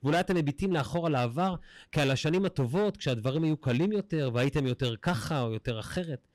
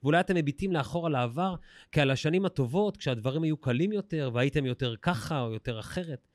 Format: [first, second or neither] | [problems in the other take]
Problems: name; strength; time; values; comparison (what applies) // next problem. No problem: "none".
second | distortion; slight; 9% of the sound clipped